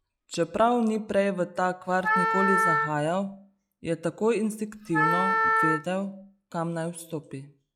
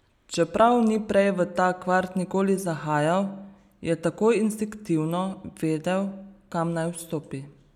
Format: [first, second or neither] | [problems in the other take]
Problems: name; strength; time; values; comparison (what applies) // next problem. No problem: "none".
second | noise reduction (classical method log-MMSE)